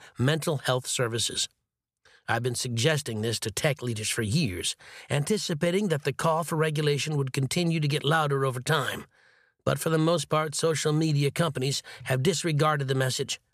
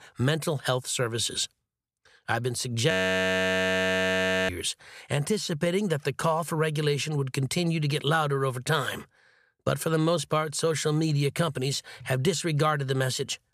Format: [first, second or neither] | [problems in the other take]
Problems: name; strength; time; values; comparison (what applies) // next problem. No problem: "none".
first | audio freezing; at 3 s for 1.5 s